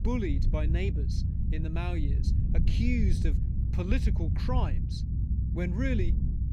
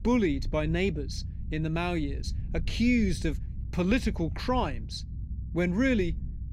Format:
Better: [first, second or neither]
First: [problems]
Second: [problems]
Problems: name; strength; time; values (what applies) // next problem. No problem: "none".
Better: second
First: low rumble; loud; throughout; 6 dB below the speech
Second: low rumble; faint; throughout; 20 dB below the speech